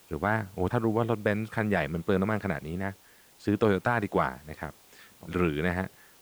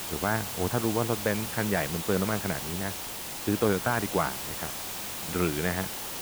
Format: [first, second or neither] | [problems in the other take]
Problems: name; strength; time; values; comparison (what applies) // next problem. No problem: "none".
first | hiss; loud; throughout; 4 dB below the speech; faint in the first